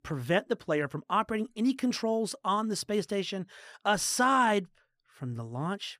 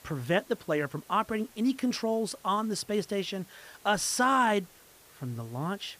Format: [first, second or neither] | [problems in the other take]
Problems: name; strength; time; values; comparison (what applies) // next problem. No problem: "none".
first | hiss; faint; throughout; 25 dB below the speech